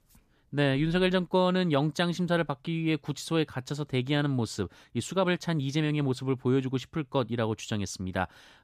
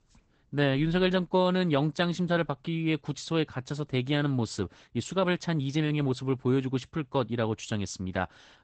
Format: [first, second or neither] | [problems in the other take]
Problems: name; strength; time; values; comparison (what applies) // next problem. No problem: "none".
first | garbled, watery; badly; nothing above 8 kHz